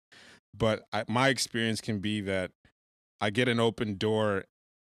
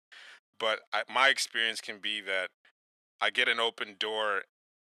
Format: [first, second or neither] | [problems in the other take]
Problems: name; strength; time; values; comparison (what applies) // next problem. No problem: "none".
first | thin; very; fading below 650 Hz